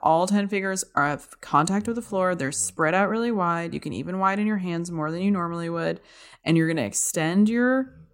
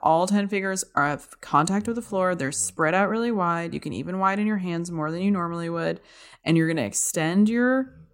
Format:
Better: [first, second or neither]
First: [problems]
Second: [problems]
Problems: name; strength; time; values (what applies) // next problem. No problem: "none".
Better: neither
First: none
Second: none